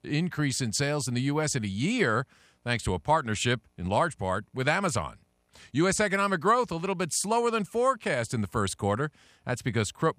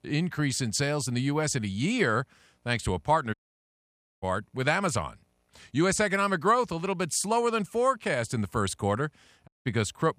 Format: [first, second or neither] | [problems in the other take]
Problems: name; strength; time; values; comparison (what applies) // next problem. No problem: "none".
first | audio cutting out; at 3.5 s for 1 s and at 9.5 s